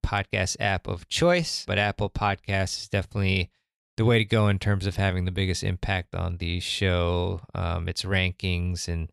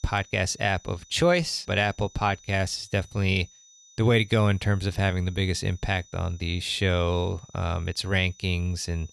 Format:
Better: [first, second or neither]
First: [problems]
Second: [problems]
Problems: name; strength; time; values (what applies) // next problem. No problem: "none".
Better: first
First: none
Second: high-pitched whine; faint; throughout; 6 kHz, 25 dB below the speech